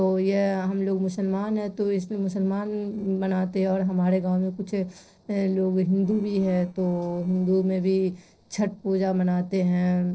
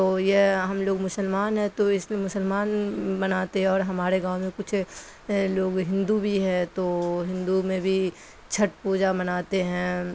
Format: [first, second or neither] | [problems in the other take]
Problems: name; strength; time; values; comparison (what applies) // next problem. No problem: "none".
second | noise reduction (neural separator model SepFormer DNS4)